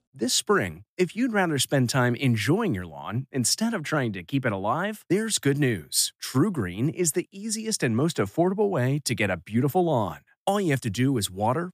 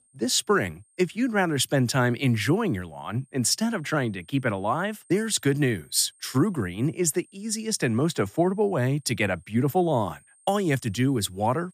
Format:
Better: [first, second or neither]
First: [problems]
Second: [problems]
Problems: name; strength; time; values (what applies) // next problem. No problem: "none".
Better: first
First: none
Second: high-pitched whine; faint; throughout; 8.5 kHz, 35 dB below the speech